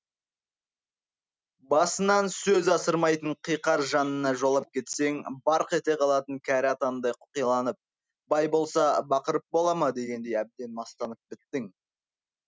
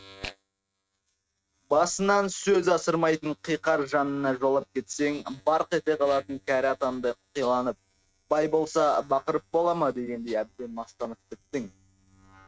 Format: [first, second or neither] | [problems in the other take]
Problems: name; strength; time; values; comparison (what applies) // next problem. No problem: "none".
first | noise reduction (neural mask model RNNoise)